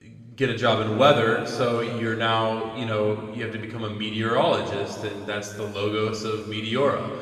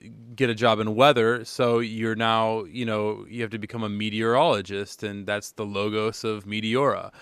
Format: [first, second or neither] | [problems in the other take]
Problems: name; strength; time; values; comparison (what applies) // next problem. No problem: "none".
second | room echo; noticeable; dies away in 2 s // off-mic speech; somewhat distant